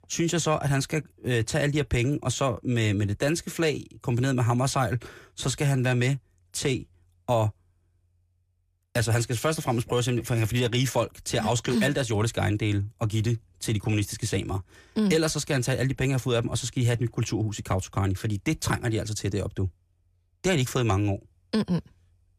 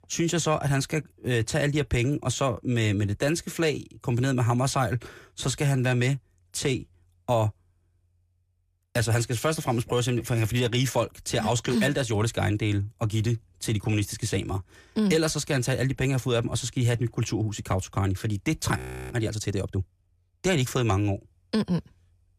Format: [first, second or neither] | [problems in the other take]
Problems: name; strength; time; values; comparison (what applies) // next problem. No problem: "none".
first | audio freezing; at 19 s